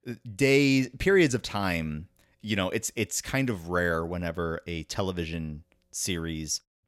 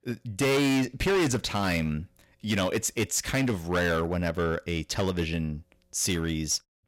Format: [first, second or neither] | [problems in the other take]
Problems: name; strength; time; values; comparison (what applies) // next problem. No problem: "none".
first | distortion; heavy; 12% of the sound clipped